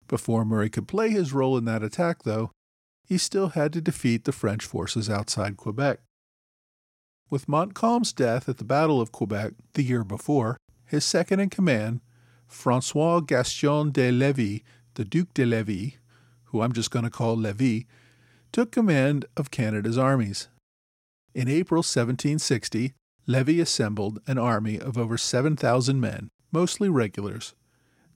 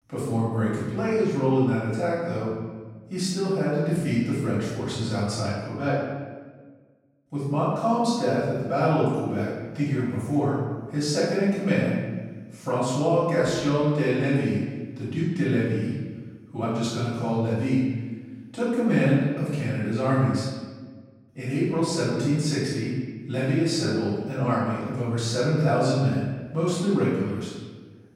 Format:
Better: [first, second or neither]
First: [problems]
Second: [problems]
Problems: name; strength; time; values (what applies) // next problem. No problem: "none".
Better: first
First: none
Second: off-mic speech; far // room echo; strong; dies away in 1.3 s